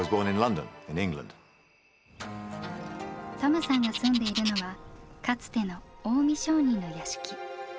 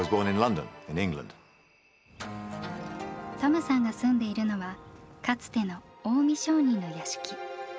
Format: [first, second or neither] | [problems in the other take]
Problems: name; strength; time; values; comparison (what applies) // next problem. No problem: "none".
second | background sound (Bird); 10 dB below the speech